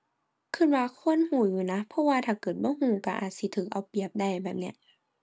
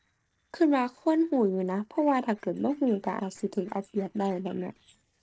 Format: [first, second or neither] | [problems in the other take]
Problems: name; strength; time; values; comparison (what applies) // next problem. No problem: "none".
first | noise reduction (neural separator model SepFormer DNS4)